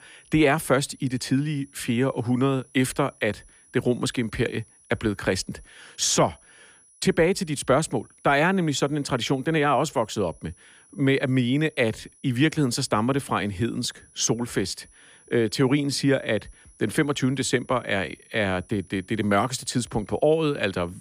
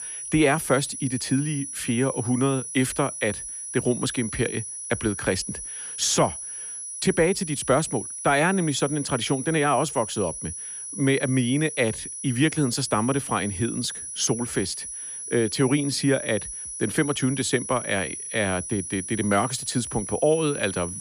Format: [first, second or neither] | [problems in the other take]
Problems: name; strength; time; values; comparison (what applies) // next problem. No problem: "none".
first | high-pitched whine; loud; throughout; 10 kHz, 7 dB below the speech; faint in the first